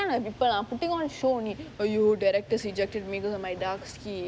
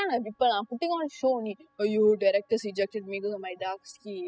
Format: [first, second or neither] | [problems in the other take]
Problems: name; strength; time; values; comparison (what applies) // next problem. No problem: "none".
first | noise reduction (classical method spectral subtraction)